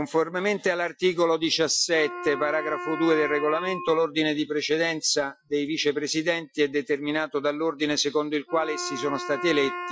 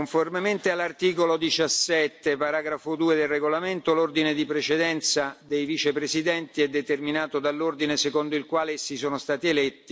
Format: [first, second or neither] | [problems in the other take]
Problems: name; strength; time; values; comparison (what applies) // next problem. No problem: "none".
second | noise reduction (classical method Wiener filter)